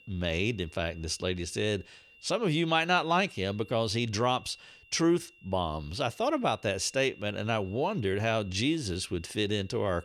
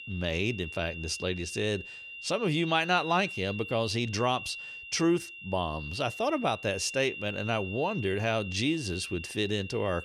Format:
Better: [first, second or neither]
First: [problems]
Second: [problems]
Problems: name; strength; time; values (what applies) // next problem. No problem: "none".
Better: first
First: high-pitched whine; faint; throughout; 3 kHz, 25 dB below the speech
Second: high-pitched whine; loud; throughout; 3 kHz, 10 dB below the speech